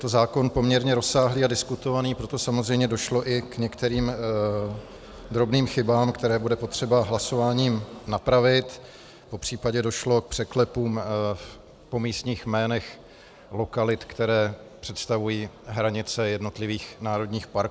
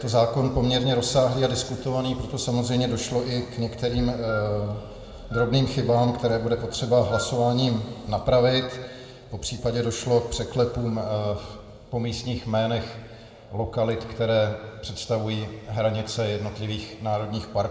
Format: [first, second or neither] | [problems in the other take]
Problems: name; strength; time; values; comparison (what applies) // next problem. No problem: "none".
first | background sound (Wind instrument, woodwind instrument); 13 dB below the speech // room echo; dies away in 1.9 s